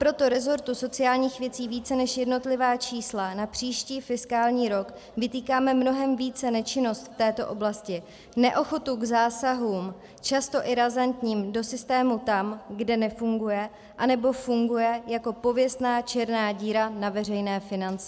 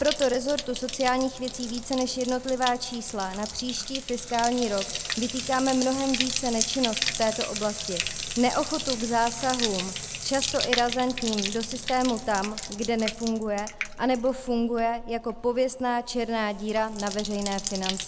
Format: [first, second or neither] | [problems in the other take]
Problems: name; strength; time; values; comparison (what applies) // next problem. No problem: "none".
first | background sound (Bathtub (filling or washing)); 6 dB below the speech